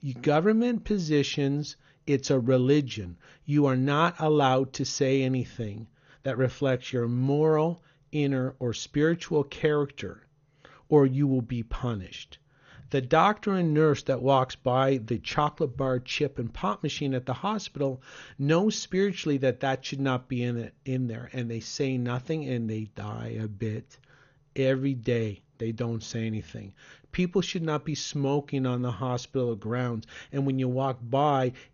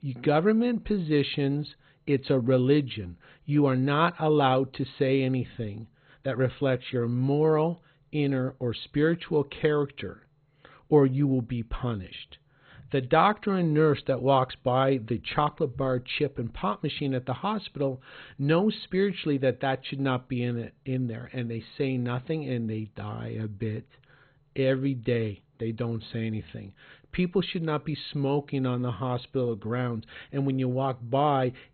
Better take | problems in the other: first | garbled, watery; badly; nothing above 4 kHz; slightly in the first

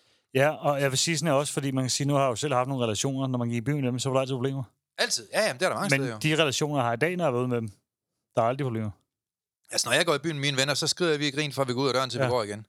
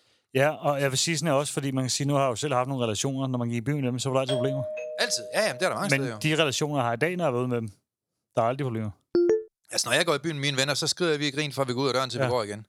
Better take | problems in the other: first | doorbell; noticeable; from 4.5 to 6 s; peak 4 dB below the speech // phone ringing; loud; at 9 s; peak 3 dB above the speech

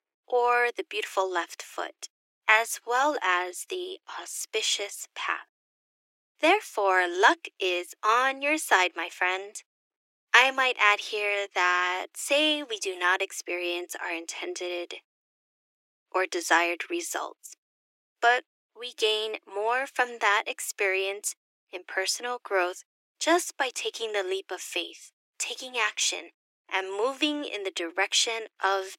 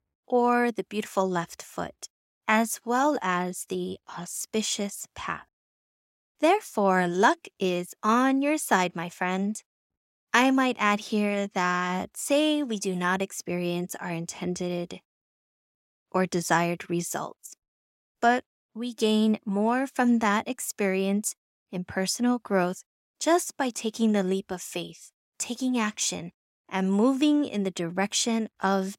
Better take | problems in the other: second | thin; very; fading below 300 Hz

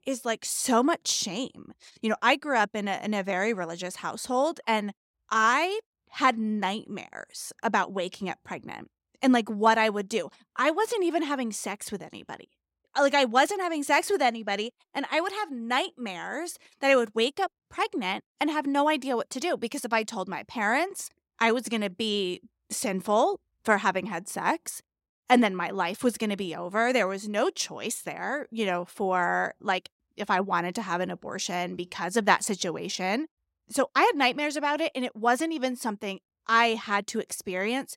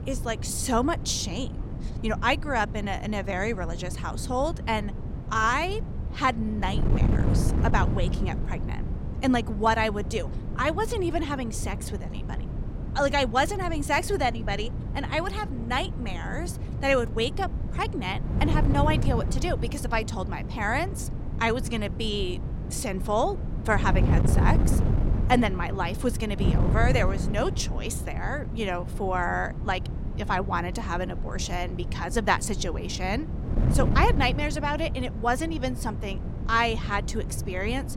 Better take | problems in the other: first | wind noise on the microphone; occasional gusts; 10 dB below the speech

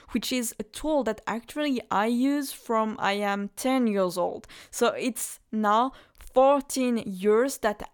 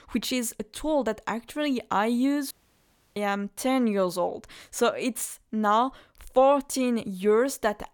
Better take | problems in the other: first | audio cutting out; at 2.5 s for 0.5 s

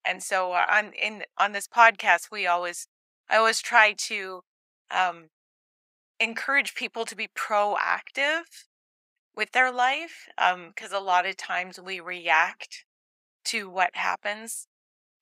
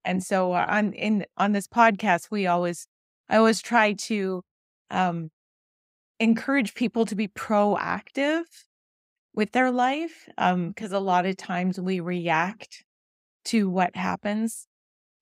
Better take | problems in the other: second | thin; very; fading below 800 Hz

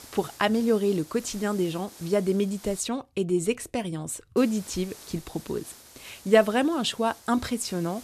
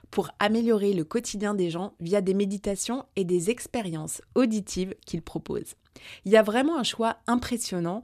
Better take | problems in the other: second | hiss; noticeable; until 3 s and from 4.5 s on; 20 dB below the speech

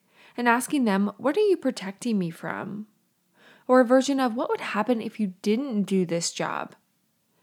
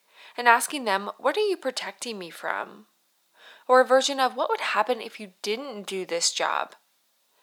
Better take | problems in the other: first | thin; very; fading below 650 Hz

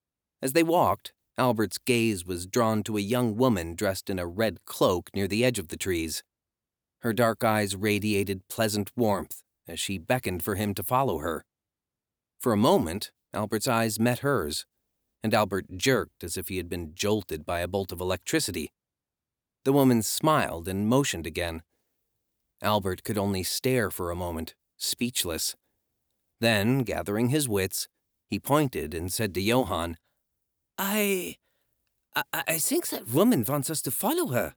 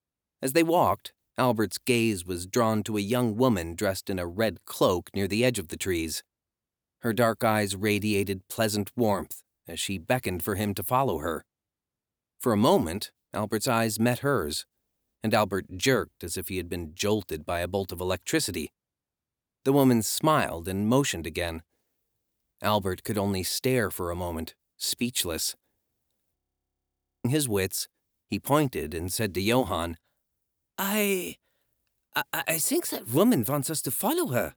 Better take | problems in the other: first | audio freezing; at 26 s for 1 s

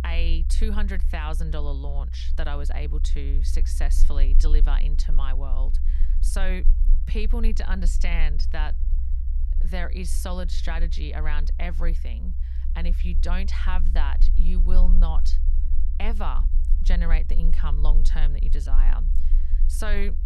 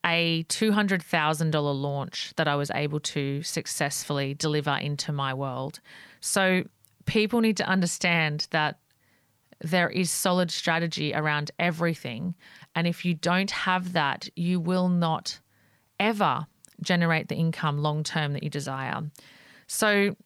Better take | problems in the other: second | low rumble; noticeable; throughout; 15 dB below the speech

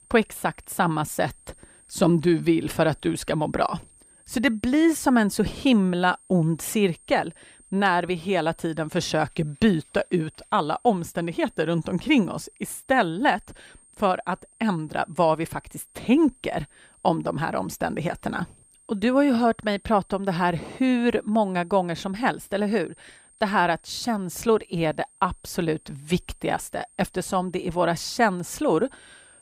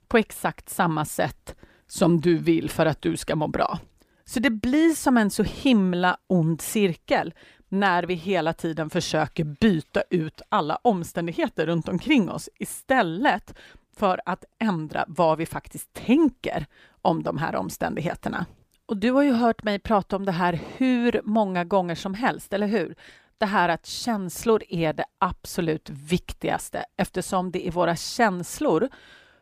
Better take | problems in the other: second | high-pitched whine; faint; throughout; 8.5 kHz, 30 dB below the speech

